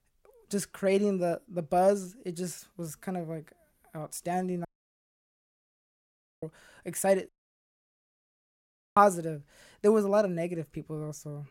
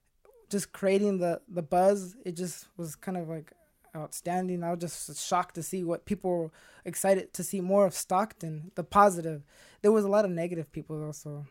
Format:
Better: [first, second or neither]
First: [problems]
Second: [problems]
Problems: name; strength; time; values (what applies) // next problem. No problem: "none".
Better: second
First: audio cutting out; at 4.5 s for 2 s and at 7.5 s for 1.5 s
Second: none